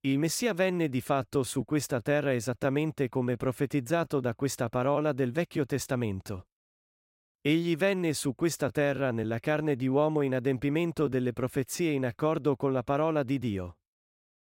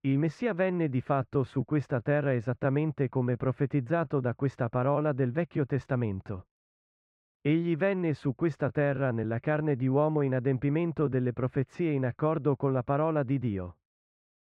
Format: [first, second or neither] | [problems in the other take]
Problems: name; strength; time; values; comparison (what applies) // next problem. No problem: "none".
first | muffled; very; fading above 1.5 kHz